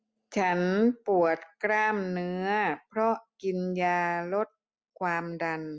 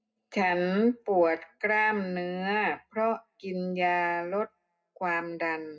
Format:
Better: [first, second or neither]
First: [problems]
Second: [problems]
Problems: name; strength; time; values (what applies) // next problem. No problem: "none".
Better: first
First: none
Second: room echo; dies away in 0.2 s